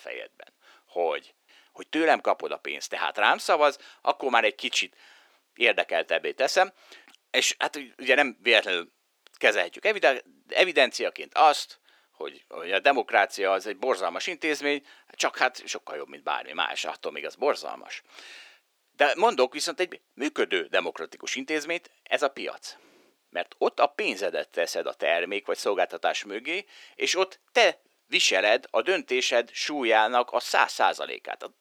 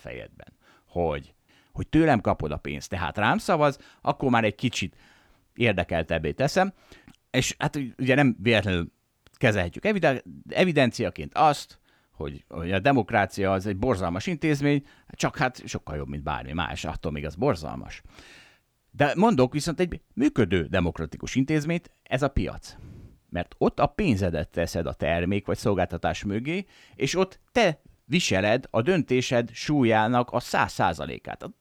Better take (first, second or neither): second